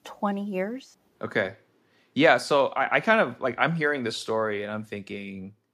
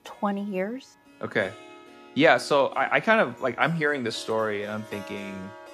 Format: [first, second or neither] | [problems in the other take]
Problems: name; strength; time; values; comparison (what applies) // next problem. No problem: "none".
first | background music; faint; throughout; 20 dB below the speech